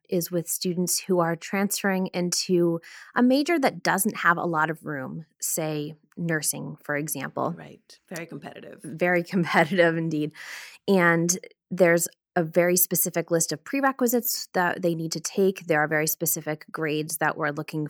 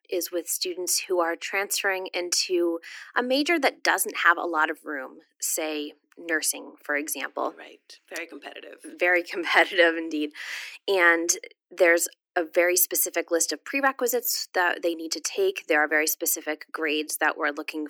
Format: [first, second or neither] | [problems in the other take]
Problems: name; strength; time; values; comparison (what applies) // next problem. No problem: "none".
first | thin; somewhat; fading below 300 Hz